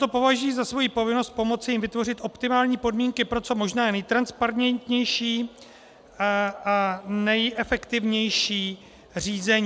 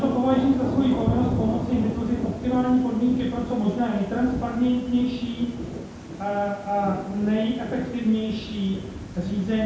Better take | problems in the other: first | background sound (Thunder / Rain); 7 dB below the speech // room echo; dies away in 0.8 s

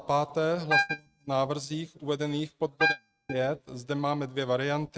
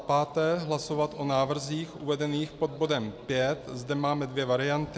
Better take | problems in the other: second | noise reduction (neural mask model RNNoise)

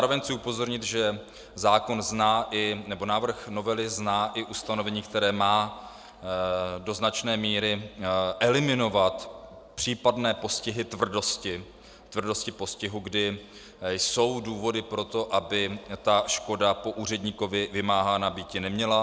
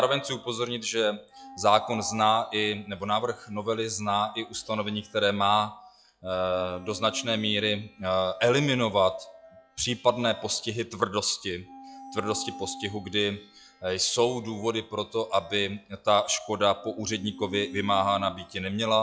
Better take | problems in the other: first | noise reduction (classical method log-MMSE)

